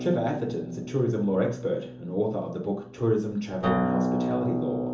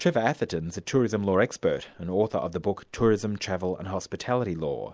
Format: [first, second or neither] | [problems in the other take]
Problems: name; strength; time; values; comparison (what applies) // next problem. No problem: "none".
second | background sound (Acoustic guitar); 3 dB below the speech // room echo; dies away in 1.2 s